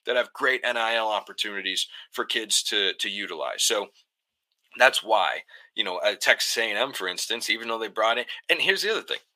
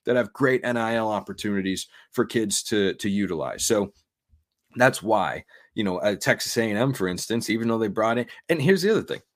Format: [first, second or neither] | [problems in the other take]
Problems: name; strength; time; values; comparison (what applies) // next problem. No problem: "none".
second | thin; very; fading below 700 Hz